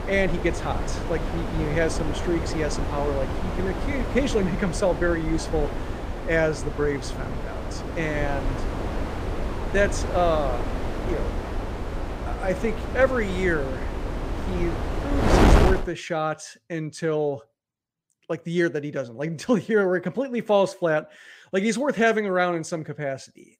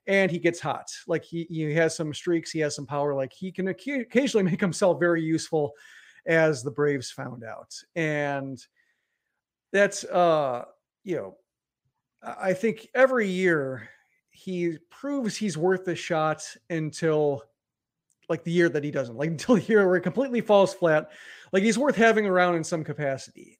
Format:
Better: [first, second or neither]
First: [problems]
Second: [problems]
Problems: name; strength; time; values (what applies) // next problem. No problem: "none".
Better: second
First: wind noise on the microphone; heavy; until 16 s; 5 dB below the speech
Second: none